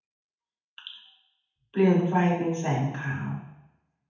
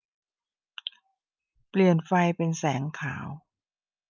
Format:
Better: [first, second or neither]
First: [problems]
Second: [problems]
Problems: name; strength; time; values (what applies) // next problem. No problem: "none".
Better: second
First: room echo; dies away in 0.8 s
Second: none